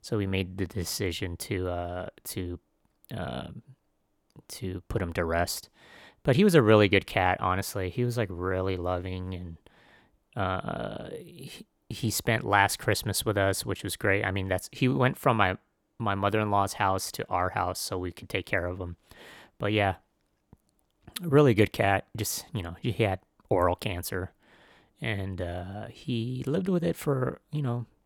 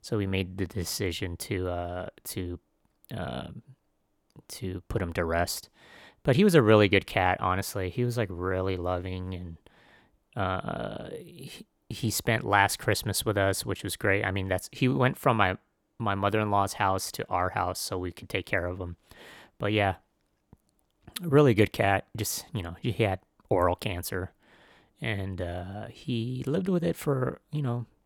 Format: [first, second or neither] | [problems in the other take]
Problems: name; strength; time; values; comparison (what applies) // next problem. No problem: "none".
neither | none